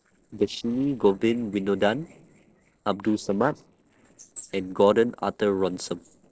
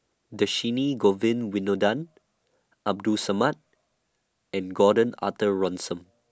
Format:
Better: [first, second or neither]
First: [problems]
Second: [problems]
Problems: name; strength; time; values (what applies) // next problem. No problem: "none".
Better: second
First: noise reduction (neural separator model SepFormer DNS4)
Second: none